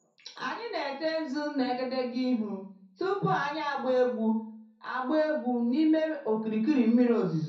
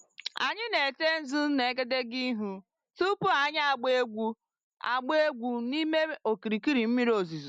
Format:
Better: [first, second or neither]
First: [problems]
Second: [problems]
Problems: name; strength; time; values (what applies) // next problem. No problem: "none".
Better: second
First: room echo; dies away in 0.6 s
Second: none